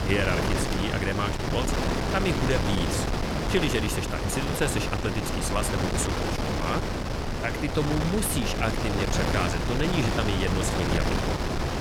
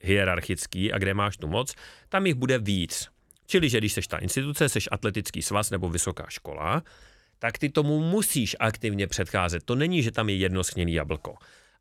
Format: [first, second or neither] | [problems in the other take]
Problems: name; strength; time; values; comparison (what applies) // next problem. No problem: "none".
second | wind noise on the microphone; heavy; 1 dB above the speech